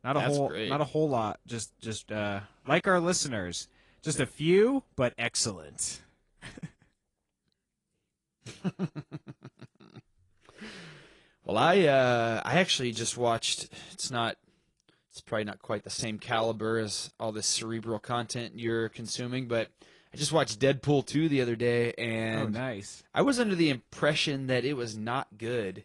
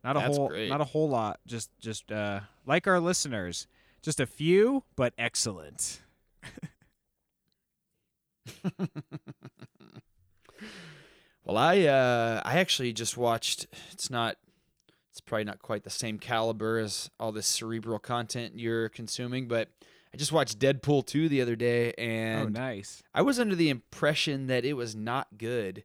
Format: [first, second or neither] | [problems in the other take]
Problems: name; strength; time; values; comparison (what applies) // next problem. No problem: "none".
second | garbled, watery; slightly; nothing above 10 kHz